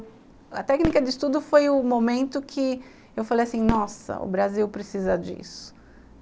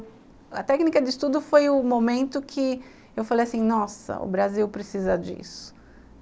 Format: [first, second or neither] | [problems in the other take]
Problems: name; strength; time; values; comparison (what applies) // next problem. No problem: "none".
second | background sound (Fireworks); 13 dB below the speech